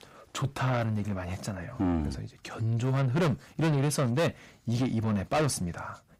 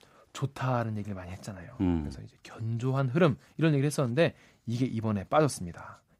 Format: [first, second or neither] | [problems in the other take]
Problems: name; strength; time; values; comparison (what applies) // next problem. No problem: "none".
second | distortion; heavy; 6 dB below the speech